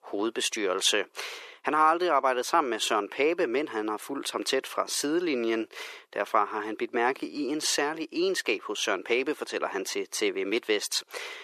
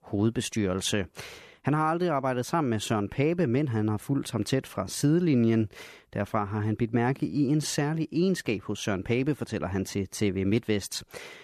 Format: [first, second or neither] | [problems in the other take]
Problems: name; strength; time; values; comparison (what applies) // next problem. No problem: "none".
second | thin; very; fading below 400 Hz